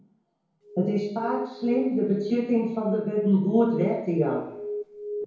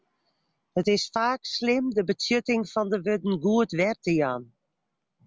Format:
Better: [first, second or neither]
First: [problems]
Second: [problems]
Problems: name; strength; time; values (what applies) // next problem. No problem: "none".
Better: second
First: background sound (Alarm); 8 dB below the speech // room echo; dies away in 0.9 s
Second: none